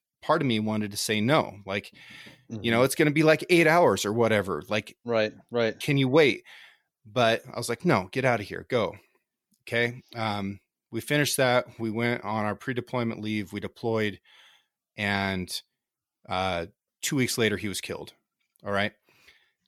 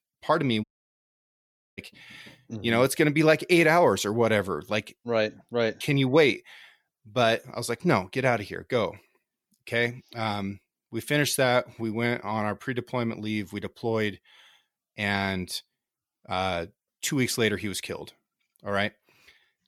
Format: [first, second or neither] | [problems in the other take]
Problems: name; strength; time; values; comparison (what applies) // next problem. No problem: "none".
first | audio cutting out; at 0.5 s for 1 s